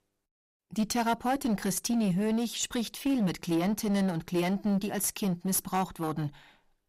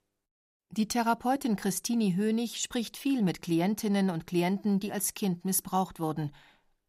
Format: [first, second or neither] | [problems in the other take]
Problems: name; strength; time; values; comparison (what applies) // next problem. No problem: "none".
second | distortion; slight; 11% of the sound clipped